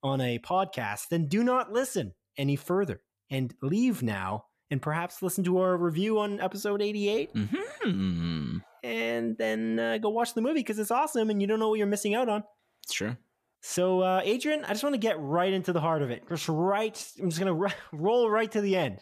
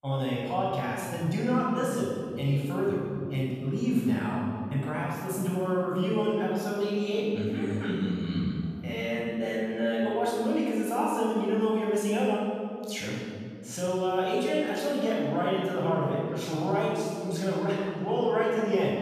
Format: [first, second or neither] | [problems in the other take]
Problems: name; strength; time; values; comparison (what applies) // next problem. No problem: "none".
first | off-mic speech; far // room echo; strong; dies away in 2.1 s